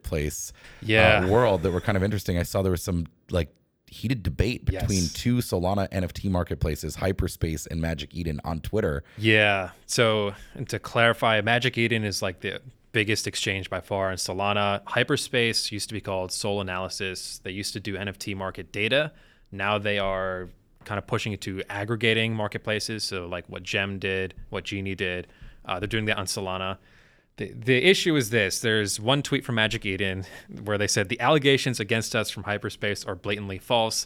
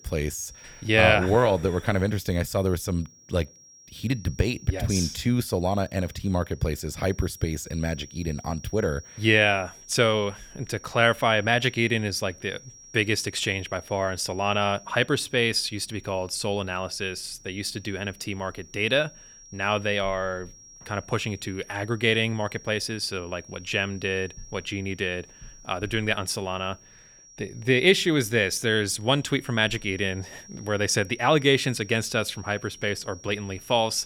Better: first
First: none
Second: high-pitched whine; faint; throughout; 5.5 kHz, 20 dB below the speech

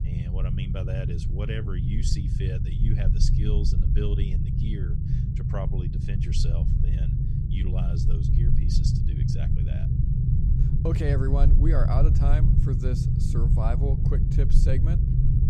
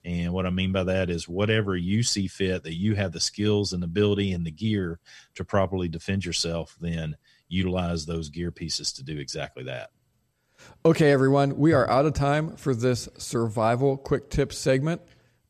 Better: second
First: low rumble; loud; throughout; 1 dB below the speech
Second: none

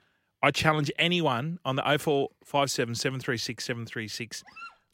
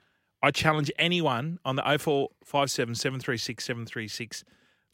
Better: second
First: dog barking; faint; at 4.5 s; peak 15 dB below the speech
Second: none

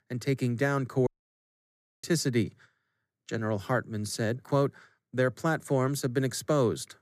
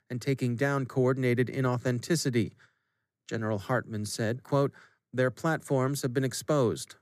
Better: second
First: audio cutting out; at 1 s for 1 s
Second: none

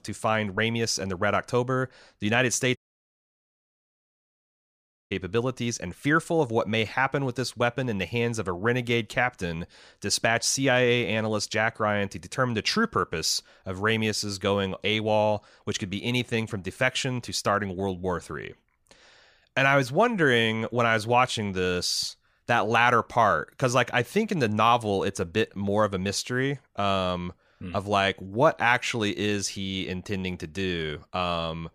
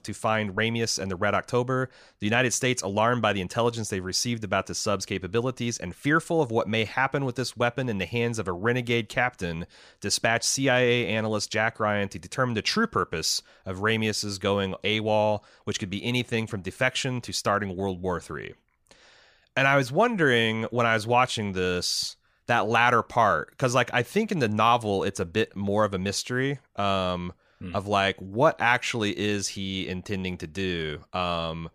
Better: second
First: audio cutting out; at 3 s for 2.5 s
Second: none

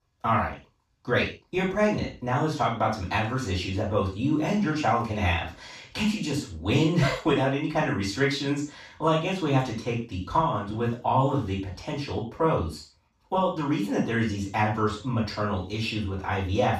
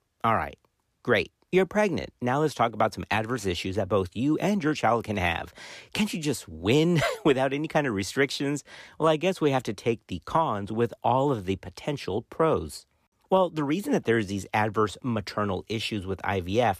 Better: second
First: room echo; noticeable; dies away in 0.3 s // off-mic speech; far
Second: none

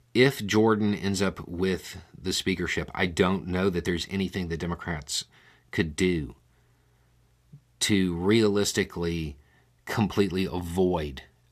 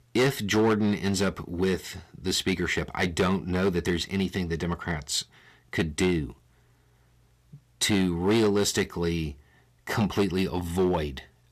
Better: first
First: none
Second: distortion; slight; 5% of the sound clipped

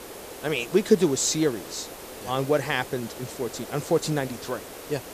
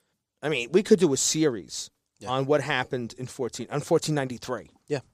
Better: second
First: hiss; noticeable; throughout; 15 dB below the speech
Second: none

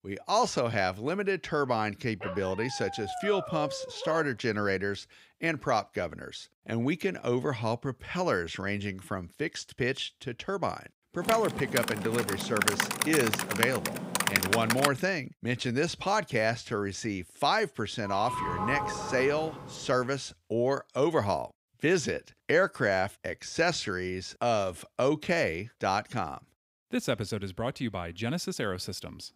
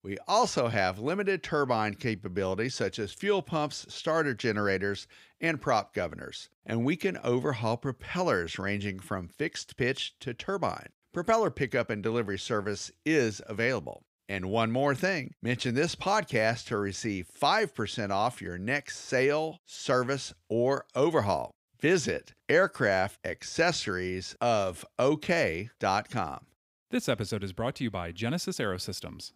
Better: second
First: dog barking; noticeable; from 2 to 4.5 s; peak 6 dB below the speech // keyboard typing; loud; from 11 to 15 s; peak 5 dB above the speech // doorbell; noticeable; from 18 to 20 s; peak 1 dB below the speech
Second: none

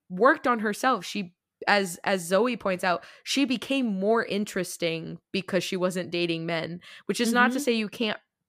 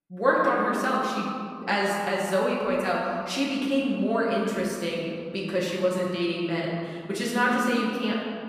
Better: first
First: none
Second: room echo; noticeable; dies away in 2 s // off-mic speech; far

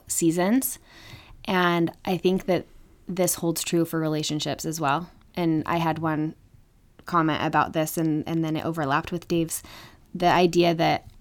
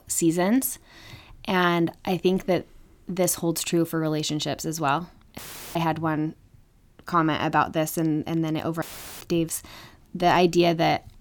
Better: first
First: none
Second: audio cutting out; filled with static; at 5.5 s and at 9 s

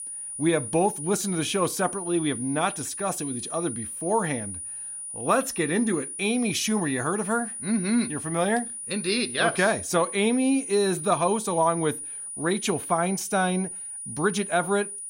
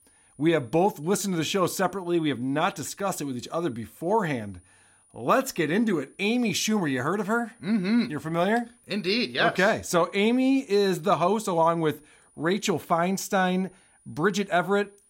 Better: second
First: high-pitched whine; loud; throughout; 9.5 kHz, 7 dB below the speech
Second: high-pitched whine; faint; throughout; 9.5 kHz, 35 dB below the speech

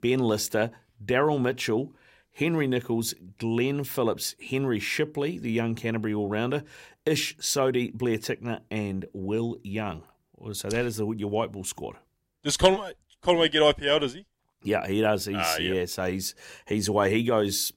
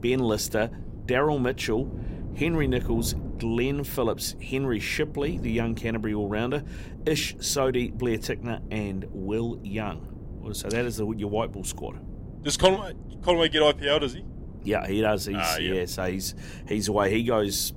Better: first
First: none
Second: wind noise on the microphone; occasional gusts; 20 dB below the speech

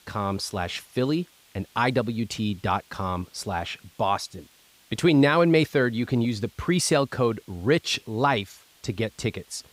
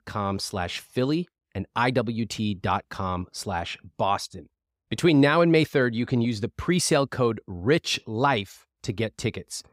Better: second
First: hiss; faint; throughout; 30 dB below the speech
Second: none

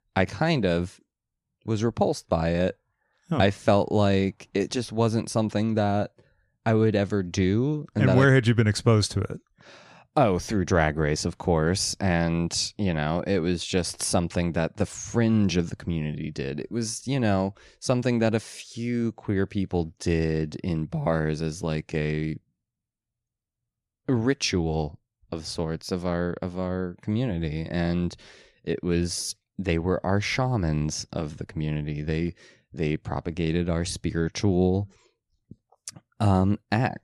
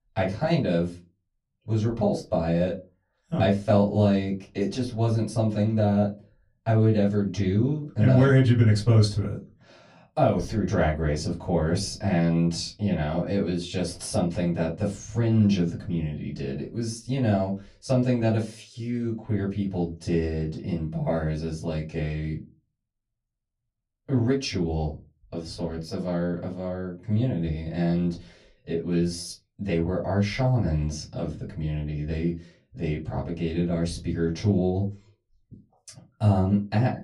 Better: first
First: none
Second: off-mic speech; far // room echo; very slight; dies away in 0.2 s

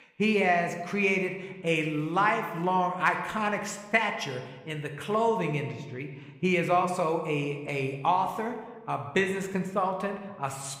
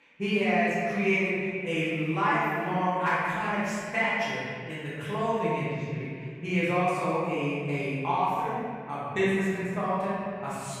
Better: first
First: room echo; slight; dies away in 1 s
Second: room echo; strong; dies away in 2.2 s // off-mic speech; far

